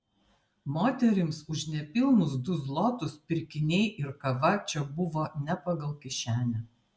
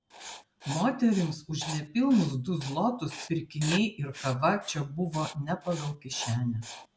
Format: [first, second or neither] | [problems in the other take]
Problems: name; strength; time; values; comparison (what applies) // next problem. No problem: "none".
first | background sound (Writing); 14 dB below the speech